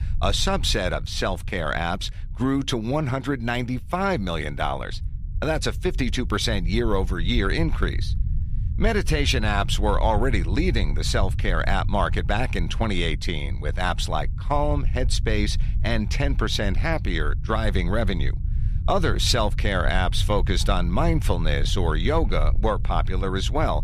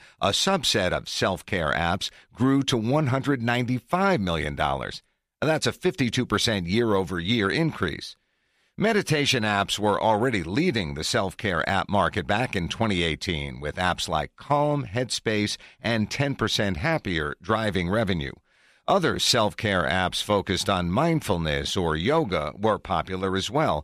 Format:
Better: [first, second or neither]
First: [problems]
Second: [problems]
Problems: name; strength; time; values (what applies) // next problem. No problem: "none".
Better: second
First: low rumble; noticeable; throughout; 20 dB below the speech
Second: none